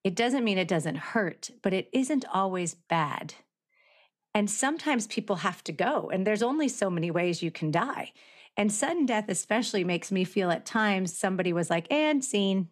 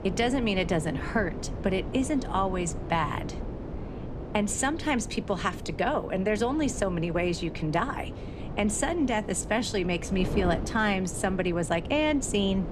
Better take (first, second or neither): first